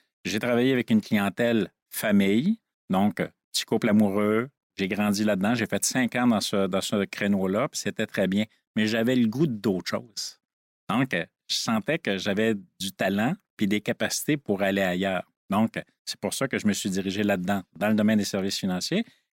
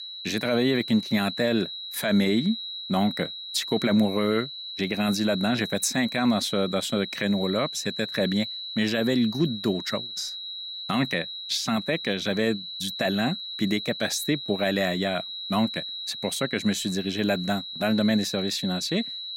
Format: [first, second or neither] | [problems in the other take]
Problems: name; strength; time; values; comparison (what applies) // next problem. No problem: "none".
first | high-pitched whine; loud; throughout; 4 kHz, 7 dB below the speech